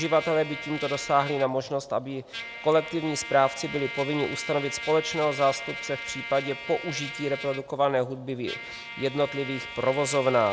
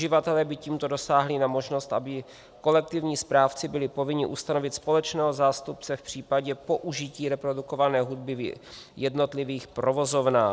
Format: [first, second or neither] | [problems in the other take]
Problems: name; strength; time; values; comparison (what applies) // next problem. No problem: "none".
second | background sound (Trumpet); 10 dB below the speech